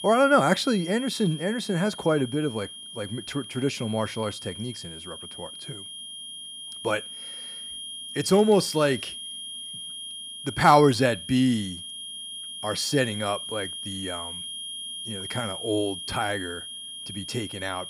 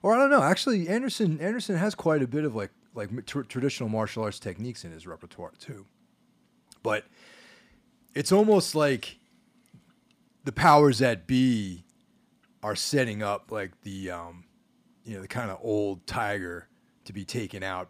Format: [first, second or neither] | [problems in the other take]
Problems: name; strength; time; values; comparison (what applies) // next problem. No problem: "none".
second | high-pitched whine; loud; throughout; 3 kHz, 10 dB below the speech